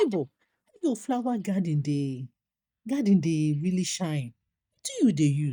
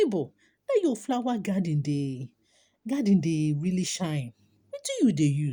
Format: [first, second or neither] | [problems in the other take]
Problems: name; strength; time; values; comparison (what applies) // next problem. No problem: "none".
second | noise reduction (neural mask model DeepFilterNet 3)